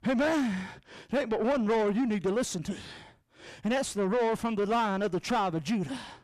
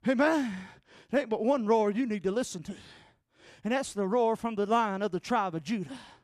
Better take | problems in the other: second | distortion; heavy; 7 dB below the speech

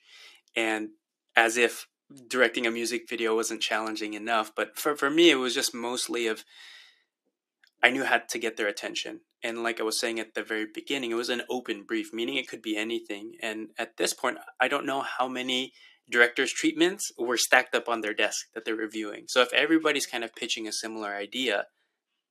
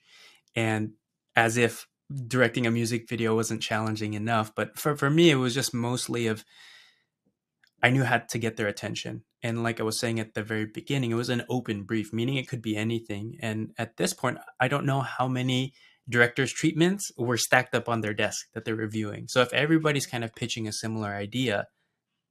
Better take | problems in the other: second | thin; somewhat; fading below 300 Hz

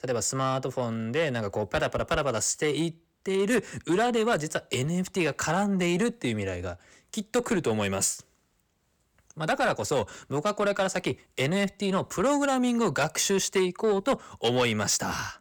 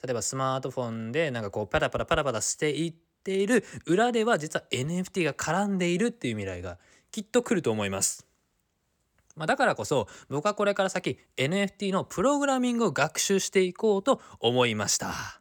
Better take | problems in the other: second | distortion; slight; 10 dB below the speech

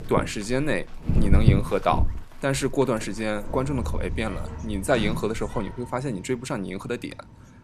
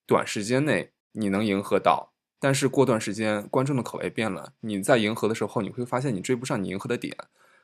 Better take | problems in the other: second | animal sounds; loud; throughout; 1 dB below the speech

